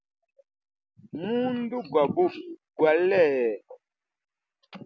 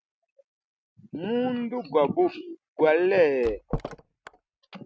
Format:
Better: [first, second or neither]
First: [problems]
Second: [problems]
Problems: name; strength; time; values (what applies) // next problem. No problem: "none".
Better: first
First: none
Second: noise reduction (neural mask model RNNoise)